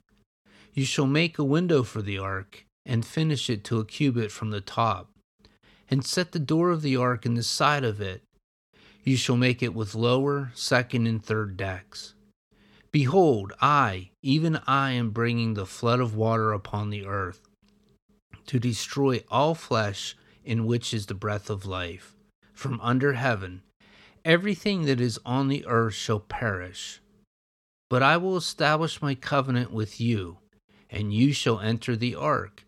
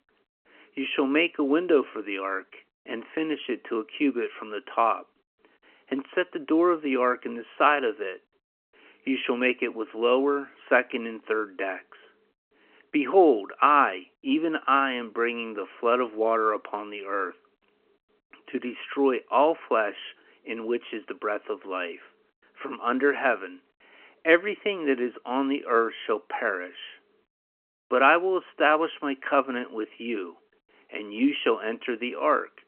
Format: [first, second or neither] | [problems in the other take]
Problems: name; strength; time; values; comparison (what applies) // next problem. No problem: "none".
first | phone-call audio